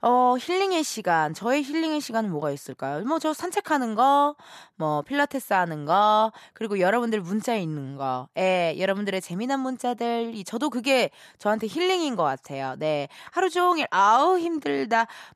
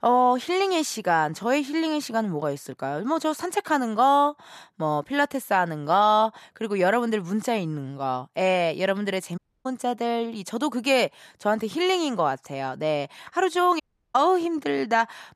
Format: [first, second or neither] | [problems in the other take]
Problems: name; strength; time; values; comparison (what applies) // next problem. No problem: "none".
first | audio cutting out; at 9.5 s and at 14 s